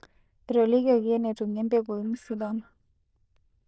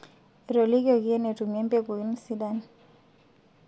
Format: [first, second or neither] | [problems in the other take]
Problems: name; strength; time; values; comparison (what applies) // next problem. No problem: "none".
second | noise reduction (neural diffusion model UNIVERSE++)